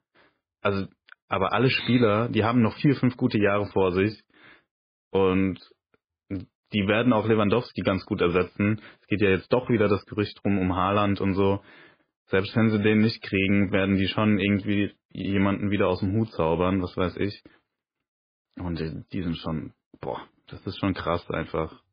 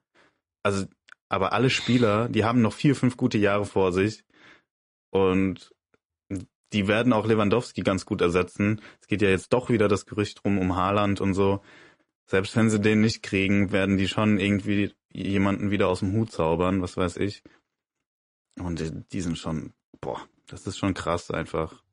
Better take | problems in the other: second | garbled, watery; badly; nothing above 4.5 kHz; slightly in the second

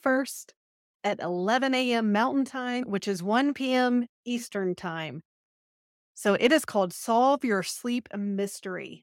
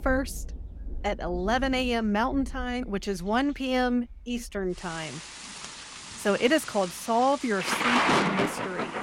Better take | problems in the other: first | rain or running water; loud; throughout; 3 dB below the speech

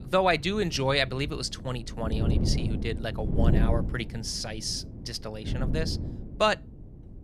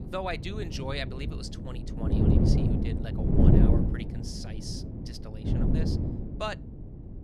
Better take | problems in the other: first | wind noise on the microphone; heavy; 3 dB above the speech; occasional gusts in the first

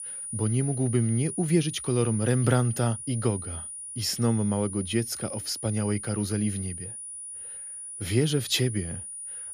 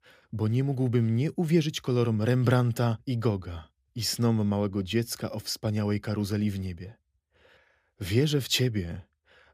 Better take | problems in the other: second | high-pitched whine; loud; throughout; 9.5 kHz, 8 dB below the speech

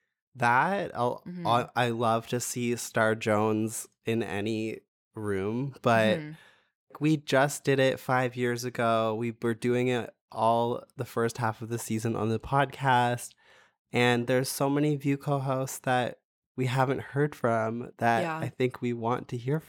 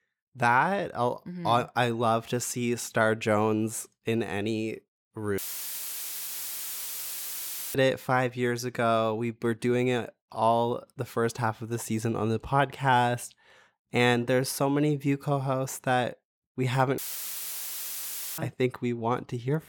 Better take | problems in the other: first | audio cutting out; filled with static; at 5.5 s for 2.5 s and at 17 s for 1.5 s

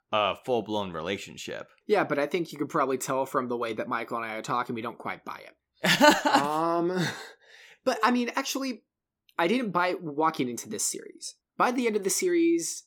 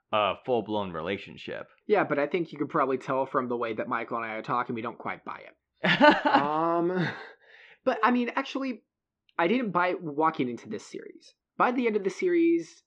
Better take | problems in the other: first | muffled; slightly; fading above 3 kHz

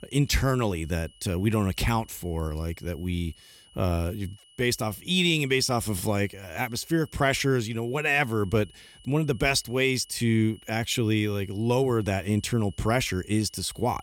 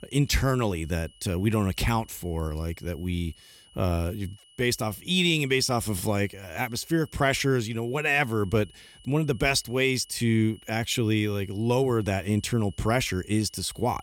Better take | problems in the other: neither | high-pitched whine; faint; throughout; 3 kHz, 25 dB below the speech; the same in both

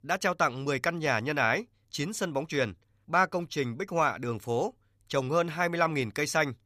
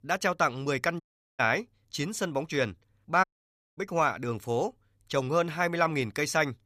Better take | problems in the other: first | audio cutting out; at 1 s and at 3 s for 0.5 s

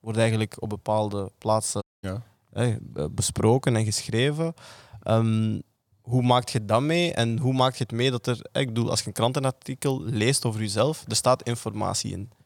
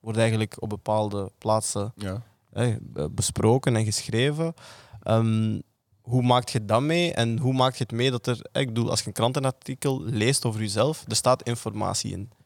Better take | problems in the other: second | audio cutting out; at 2 s

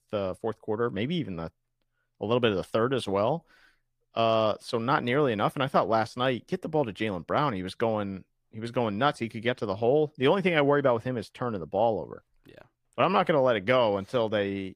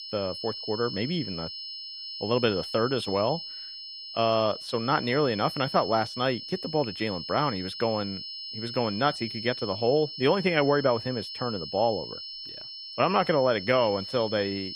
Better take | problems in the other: first | high-pitched whine; loud; throughout; 5 kHz, 9 dB below the speech

